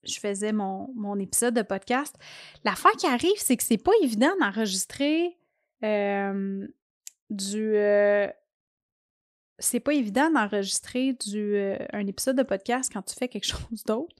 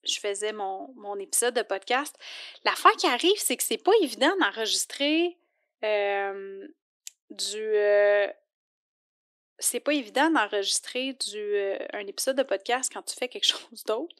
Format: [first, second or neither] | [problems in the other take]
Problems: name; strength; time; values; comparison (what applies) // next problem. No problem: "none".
first | thin; somewhat; fading below 300 Hz